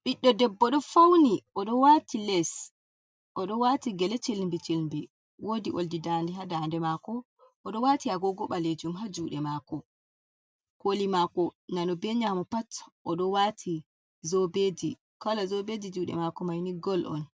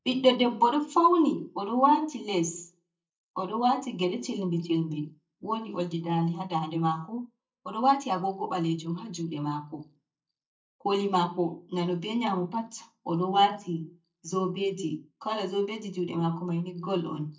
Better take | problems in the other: first | noise reduction (neural mask model DeepFilterNet 3)

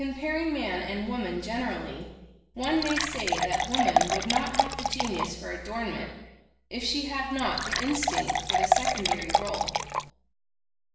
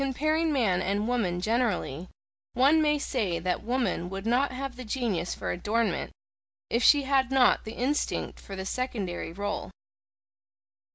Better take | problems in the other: second | background sound (Fill (with liquid) / Water); 4 dB above the speech // room echo; dies away in 0.9 s

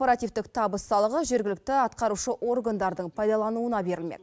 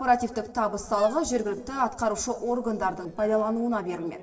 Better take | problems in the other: first | noise reduction (neural separator model SepFormer DNS4)

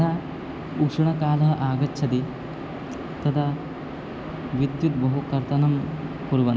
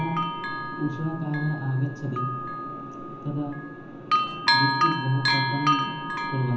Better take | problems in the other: first | background sound (Bell); 1 dB above the speech // room echo; dies away in 0.7 s

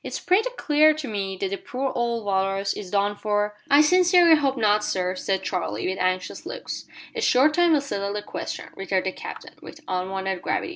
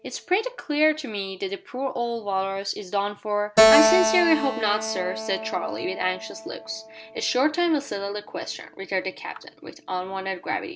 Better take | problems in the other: first | background sound (Keyboard (musical)); 2 dB below the speech

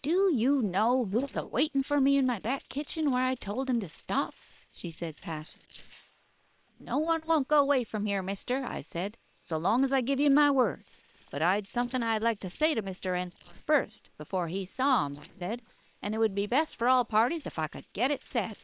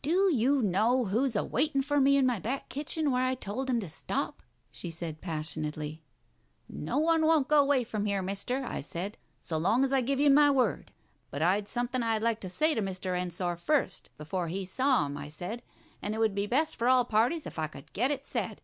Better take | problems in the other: second | noise reduction (neural separator model SepFormer WHAM!)

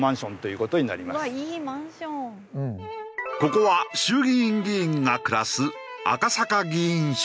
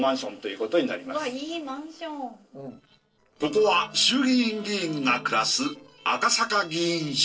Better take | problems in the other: first | noise reduction (neural separator model SepFormer DNS4)

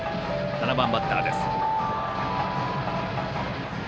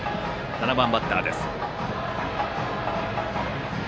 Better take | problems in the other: second | background sound (Strum + Alarm); 1 dB below the speech

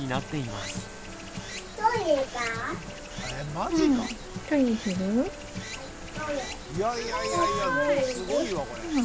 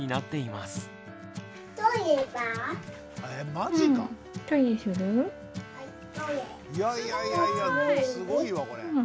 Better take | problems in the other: second | background sound (Stream); 12 dB below the speech

